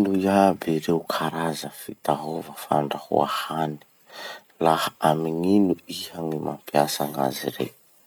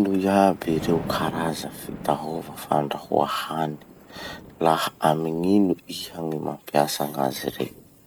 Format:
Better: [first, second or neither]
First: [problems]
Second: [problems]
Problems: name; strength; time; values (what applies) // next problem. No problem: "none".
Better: first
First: none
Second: background sound (Thunder); 15 dB below the speech